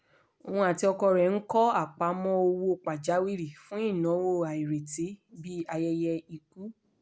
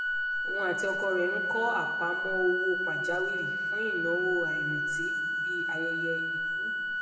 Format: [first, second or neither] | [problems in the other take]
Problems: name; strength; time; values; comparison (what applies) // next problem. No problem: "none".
first | background sound (Organ); 3 dB above the speech // room echo; dies away in 1.6 s